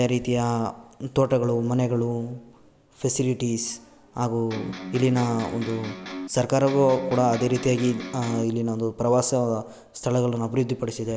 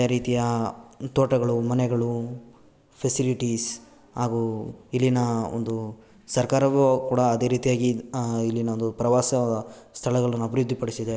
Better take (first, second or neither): second